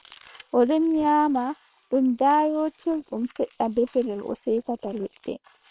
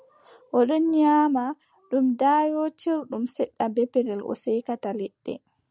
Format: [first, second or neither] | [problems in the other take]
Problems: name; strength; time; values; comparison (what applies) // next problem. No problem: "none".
second | noise reduction (neural separator model SepFormer WHAM!)